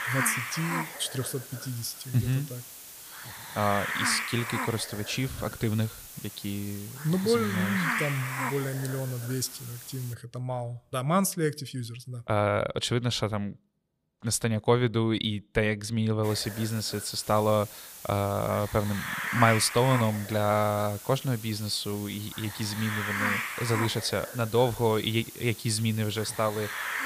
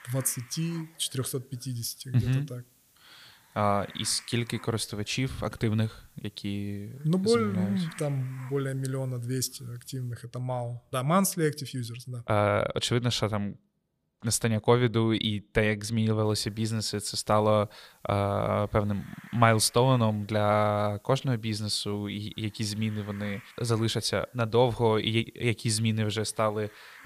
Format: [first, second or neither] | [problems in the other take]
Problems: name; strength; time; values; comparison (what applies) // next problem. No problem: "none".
second | hiss; loud; until 10 s and from 16 s on; 6 dB below the speech; faint in the second